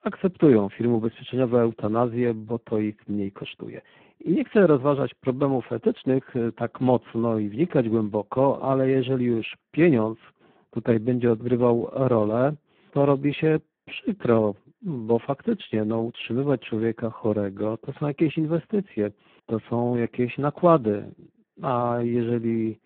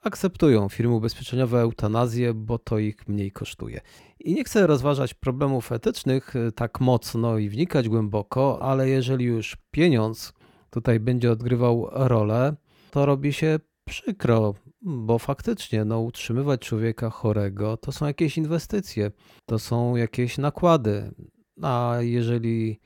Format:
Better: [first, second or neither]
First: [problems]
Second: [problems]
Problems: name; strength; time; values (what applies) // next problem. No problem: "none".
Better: second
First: phone-call audio; poor line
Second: none